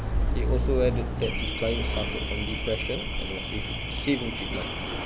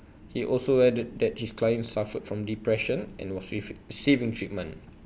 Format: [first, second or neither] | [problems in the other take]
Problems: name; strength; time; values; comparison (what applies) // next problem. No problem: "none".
second | background sound (Alarm / Car); 3 dB above the speech